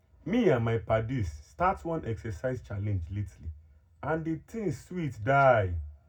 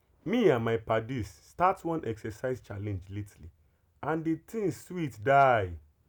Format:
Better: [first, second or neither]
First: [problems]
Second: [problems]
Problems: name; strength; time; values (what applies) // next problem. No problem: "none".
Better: second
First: room echo; dies away in 0.4 s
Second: none